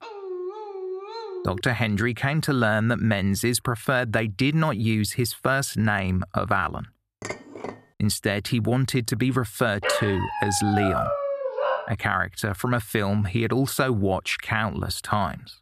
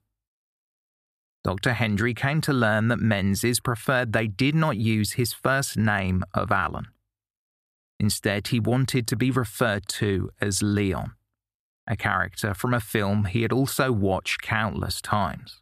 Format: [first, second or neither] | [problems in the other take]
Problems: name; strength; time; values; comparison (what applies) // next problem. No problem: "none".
second | dog barking; noticeable; until 1.5 s and from 10 to 12 s; peak 1 dB below the speech // clattering dishes; faint; at 7 s; peak 10 dB below the speech